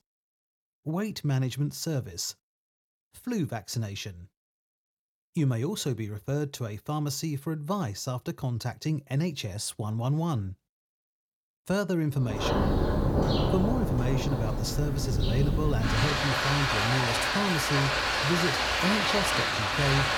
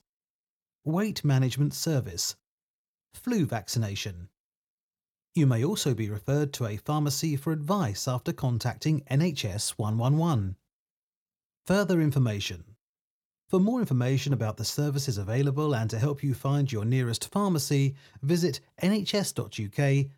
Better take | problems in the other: second | rain or running water; very loud; from 12 s on; 4 dB above the speech

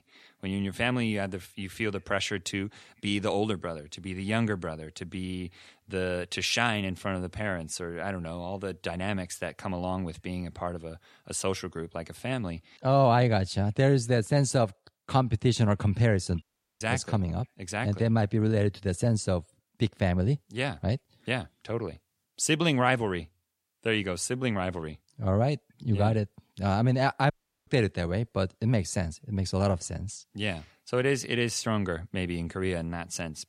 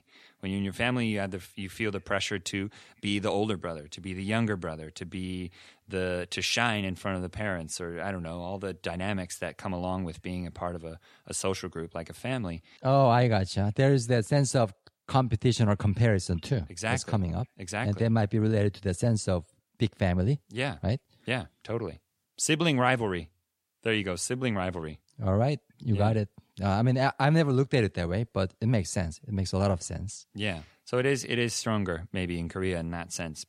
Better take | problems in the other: second | audio cutting out; at 16 s and at 27 s

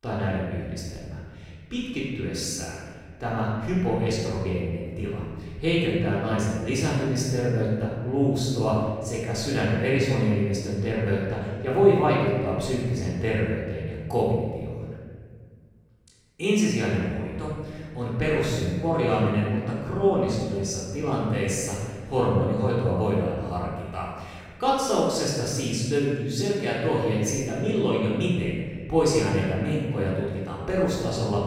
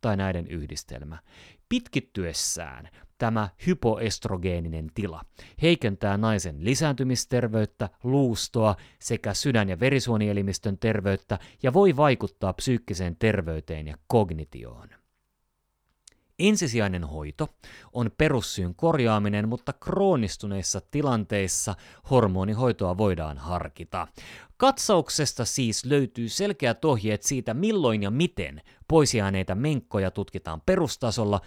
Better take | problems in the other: second | off-mic speech; far // room echo; strong; dies away in 1.6 s

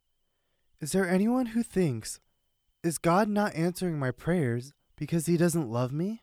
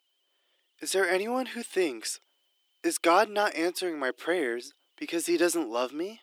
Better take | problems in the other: first | thin; very; fading below 300 Hz

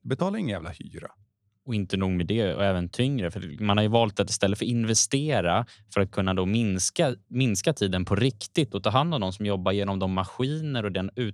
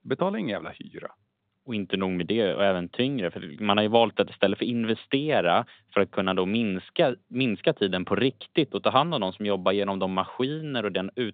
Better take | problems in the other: first | phone-call audio; nothing above 3.5 kHz

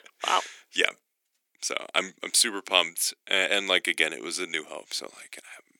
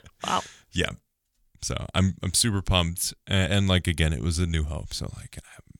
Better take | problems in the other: second | thin; very; fading below 300 Hz

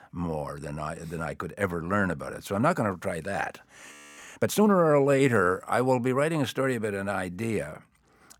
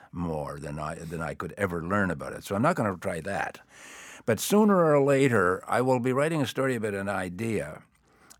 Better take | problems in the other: second | audio freezing; at 4 s

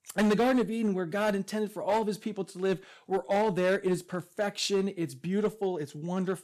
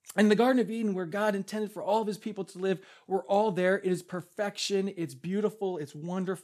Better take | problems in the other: second | distortion; slight; 6% of the sound clipped

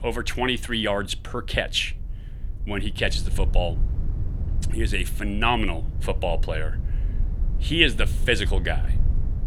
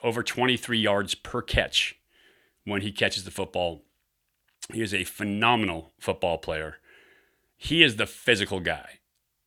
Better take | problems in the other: second | low rumble; faint; throughout; 20 dB below the speech

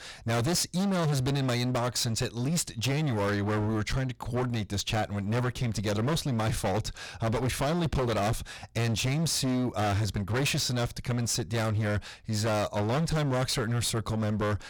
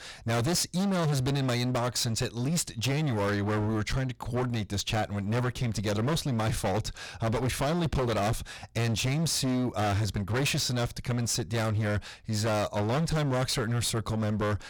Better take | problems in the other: neither | distortion; heavy; 30% of the sound clipped; the same in both

